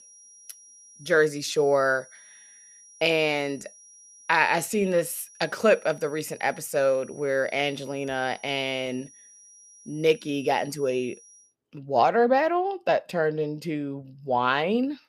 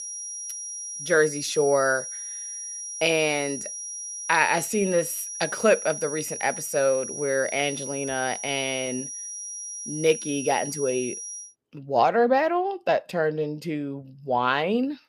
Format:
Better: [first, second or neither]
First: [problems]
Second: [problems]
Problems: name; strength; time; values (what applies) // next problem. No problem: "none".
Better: first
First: high-pitched whine; faint; until 11 s; 5.5 kHz, 25 dB below the speech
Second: high-pitched whine; loud; until 11 s; 5.5 kHz, 8 dB below the speech